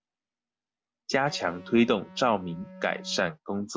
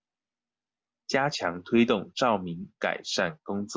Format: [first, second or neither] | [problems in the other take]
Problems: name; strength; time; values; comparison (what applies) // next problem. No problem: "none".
second | background sound (Electric guitar); 17 dB below the speech